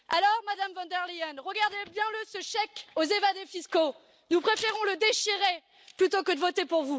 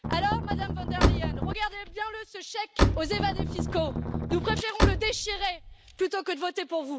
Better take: first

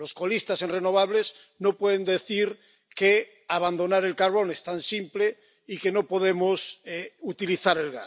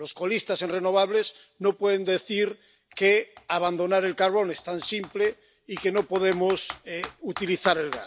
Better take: first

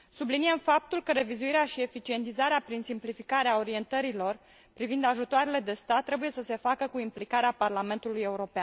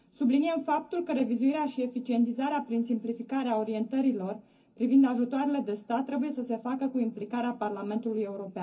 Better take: first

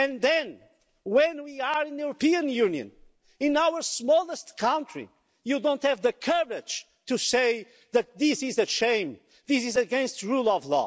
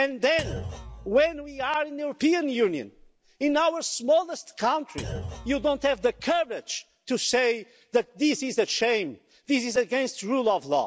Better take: first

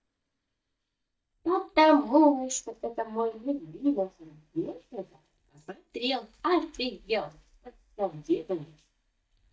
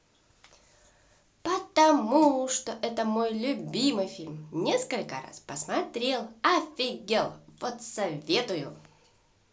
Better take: second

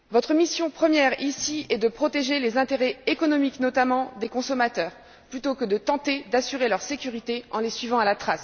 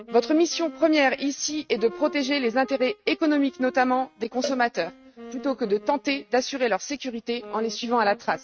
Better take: first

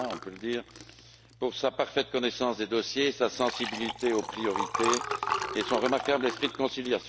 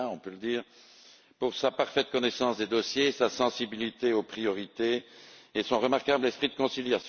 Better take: second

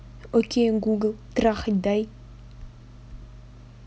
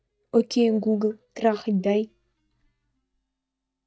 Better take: first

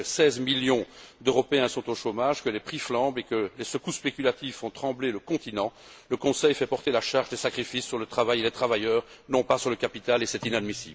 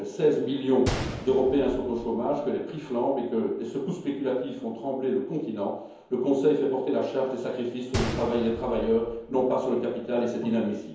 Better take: first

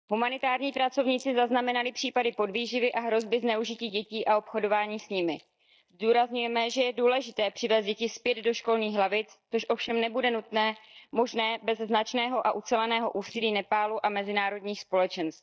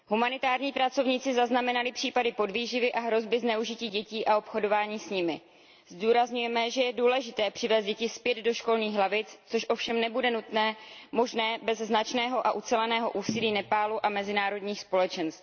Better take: second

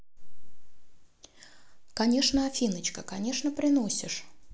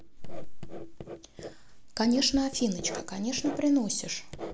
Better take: first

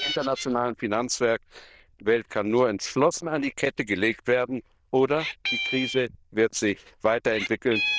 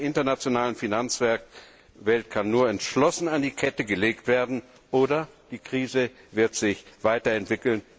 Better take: second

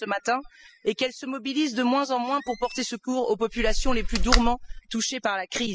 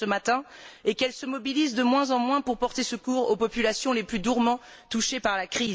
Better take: second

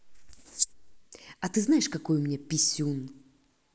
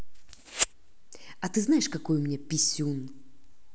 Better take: second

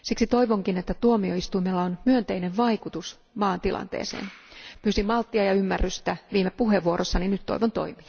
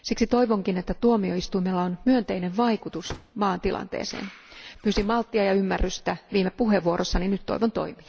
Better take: first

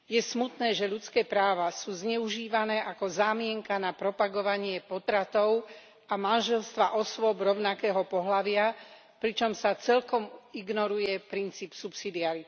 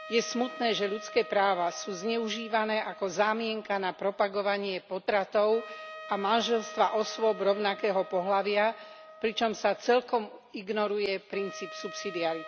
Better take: first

